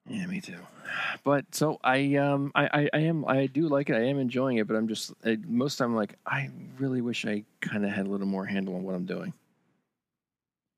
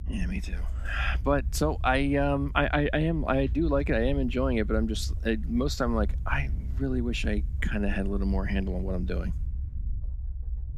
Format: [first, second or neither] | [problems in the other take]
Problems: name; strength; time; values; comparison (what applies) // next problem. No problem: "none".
first | low rumble; faint; throughout; 25 dB below the speech